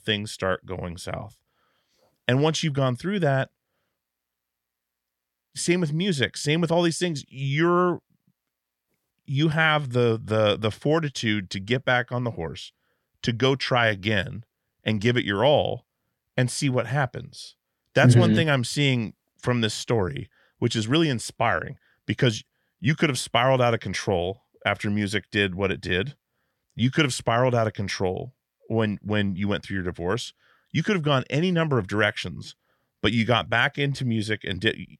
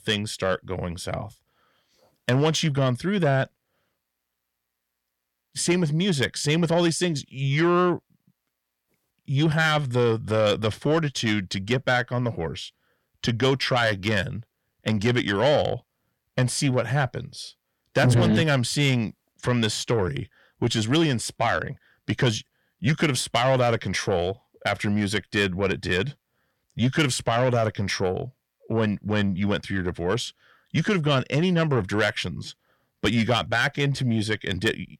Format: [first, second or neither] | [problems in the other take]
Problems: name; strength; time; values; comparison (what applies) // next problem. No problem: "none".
first | distortion; slight; 10 dB below the speech